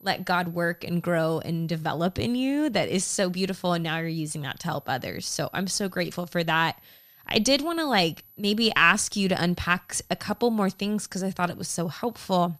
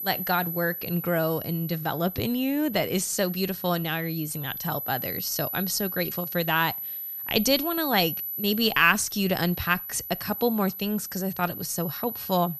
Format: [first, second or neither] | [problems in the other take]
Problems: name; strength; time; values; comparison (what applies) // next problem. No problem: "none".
first | high-pitched whine; loud; throughout; 12 kHz, 6 dB below the speech; faint in the first